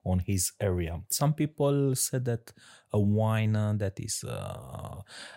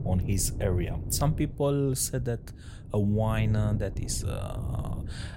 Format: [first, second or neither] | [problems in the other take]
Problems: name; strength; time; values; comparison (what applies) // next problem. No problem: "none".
first | wind noise on the microphone; occasional gusts; 15 dB below the speech